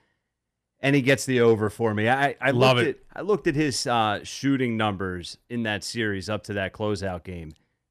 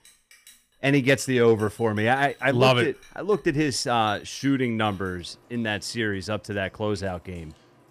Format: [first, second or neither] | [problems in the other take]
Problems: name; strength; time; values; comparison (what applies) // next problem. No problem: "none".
first | household noises; faint; throughout; 30 dB below the speech